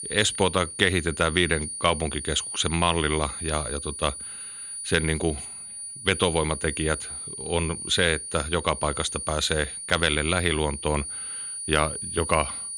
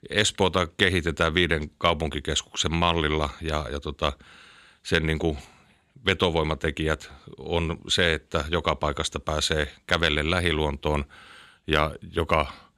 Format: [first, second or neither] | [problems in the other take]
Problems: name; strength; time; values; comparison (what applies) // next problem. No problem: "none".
second | high-pitched whine; loud; throughout; 9.5 kHz, 7 dB below the speech